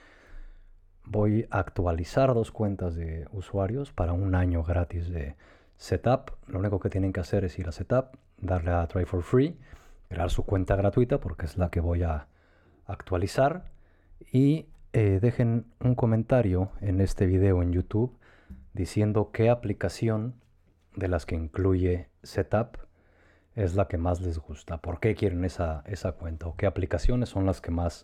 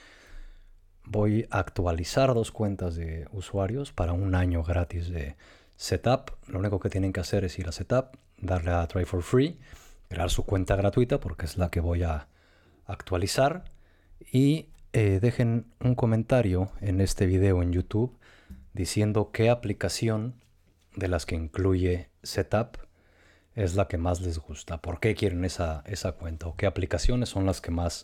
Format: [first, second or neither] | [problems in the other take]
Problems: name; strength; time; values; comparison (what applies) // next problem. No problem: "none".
second | muffled; slightly; fading above 2.5 kHz